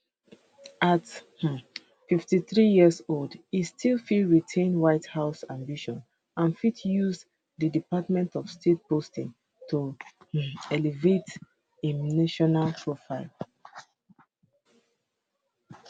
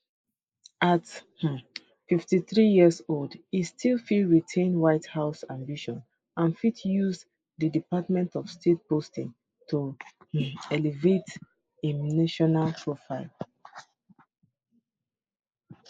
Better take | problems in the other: first | noise reduction (neural mask model Resemble Enhance denoiser)

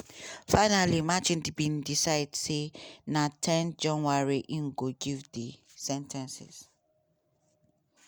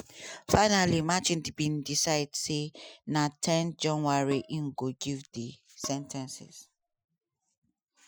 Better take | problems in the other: first | noise reduction (classical method Wiener filter)

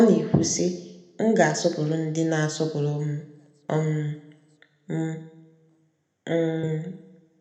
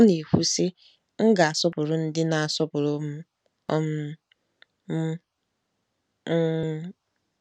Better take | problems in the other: second | room echo; dies away in 0.7 s

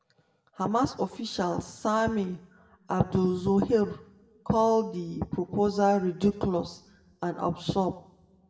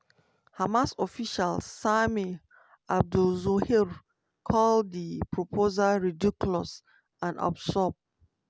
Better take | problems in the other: second | room echo; dies away in 0.6 s

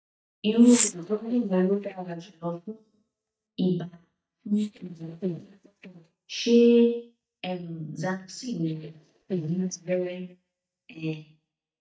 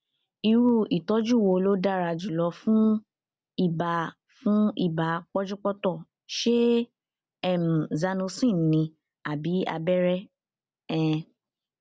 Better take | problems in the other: second | noise reduction (neural mask model DeepFilterNet 3)

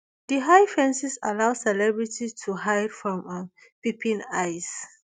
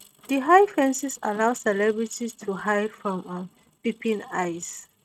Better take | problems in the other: first | noise reduction (neural mask model RNNoise)

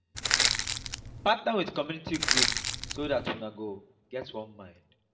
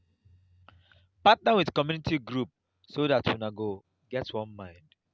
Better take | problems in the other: second | background sound (Crushing); 5 dB above the speech // room echo; dies away in 0.5 s

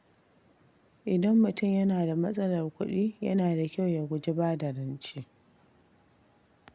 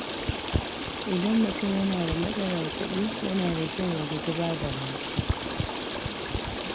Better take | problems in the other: first | background sound (Stream); 1 dB below the speech

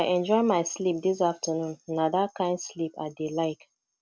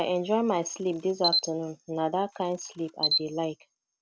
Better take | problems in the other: first | background sound (Camera); 4 dB below the speech

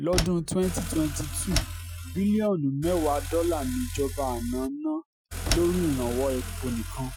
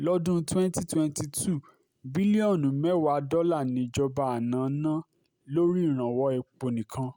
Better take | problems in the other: second | noise reduction (classical method Wiener filter)

